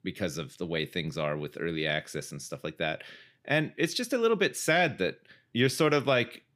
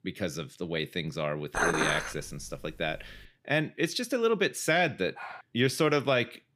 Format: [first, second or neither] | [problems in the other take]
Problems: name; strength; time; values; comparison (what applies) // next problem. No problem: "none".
first | clattering dishes; loud; from 1.5 to 3 s; peak 2 dB above the speech // dog barking; faint; at 5 s; peak 15 dB below the speech